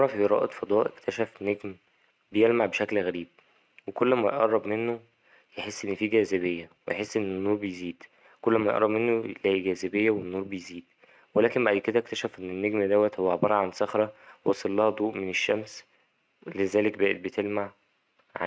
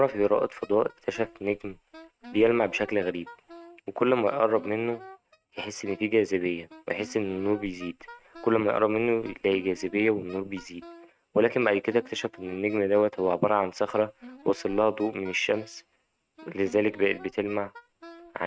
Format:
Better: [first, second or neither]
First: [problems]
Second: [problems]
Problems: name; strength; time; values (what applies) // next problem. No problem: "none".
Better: first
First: none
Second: noise reduction (neural mask model RNNoise)